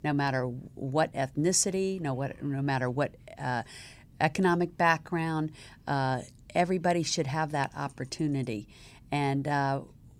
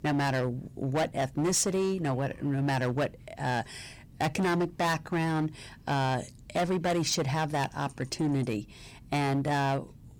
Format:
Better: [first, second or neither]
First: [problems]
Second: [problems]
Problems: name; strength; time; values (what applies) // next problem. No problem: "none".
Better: first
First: none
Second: distortion; heavy; 13% of the sound clipped